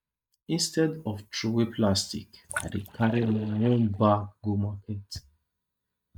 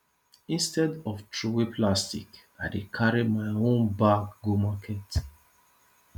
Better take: second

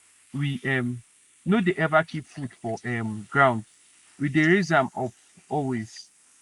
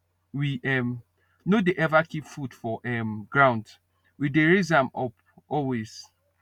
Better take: second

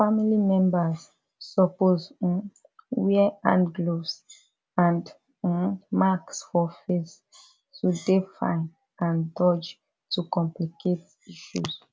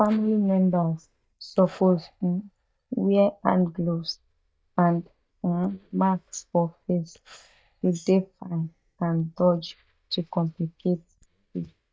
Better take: first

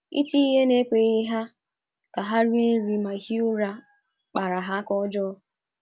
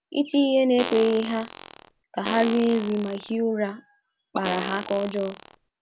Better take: first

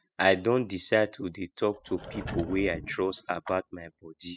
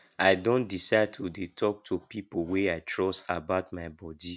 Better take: second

